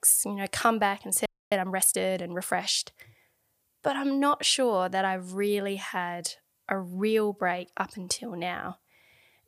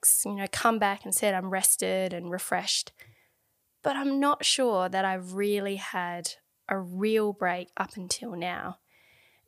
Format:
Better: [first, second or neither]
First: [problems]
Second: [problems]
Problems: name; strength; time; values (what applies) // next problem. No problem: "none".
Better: second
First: audio freezing; at 1.5 s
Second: none